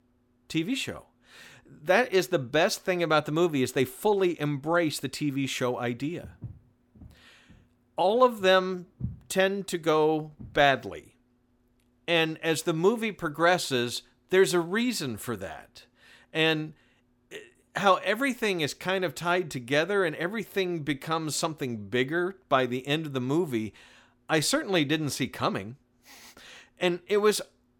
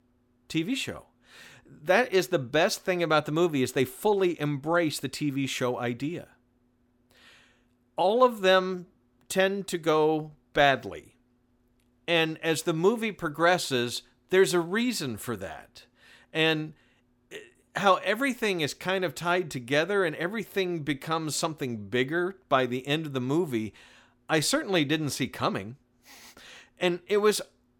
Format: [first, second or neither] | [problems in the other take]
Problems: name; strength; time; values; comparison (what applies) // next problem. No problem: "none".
second | footsteps; faint; from 6 to 10 s; peak 10 dB below the speech